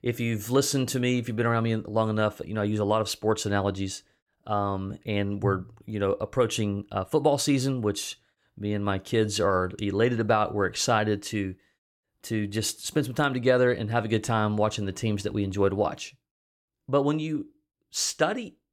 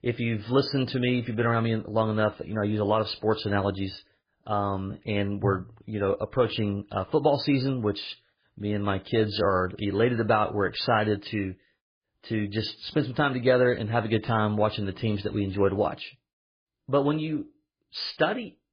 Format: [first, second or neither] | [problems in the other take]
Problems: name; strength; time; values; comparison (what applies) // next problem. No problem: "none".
first | garbled, watery; badly; nothing above 5 kHz